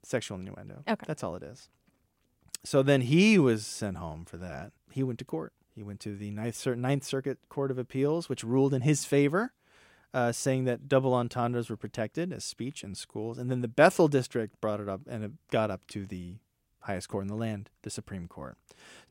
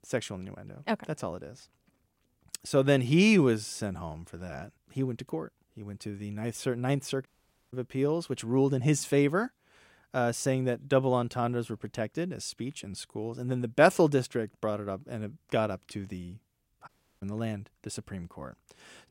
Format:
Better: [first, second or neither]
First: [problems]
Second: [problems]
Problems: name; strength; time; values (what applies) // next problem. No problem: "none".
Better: first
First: none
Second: audio cutting out; at 7.5 s and at 17 s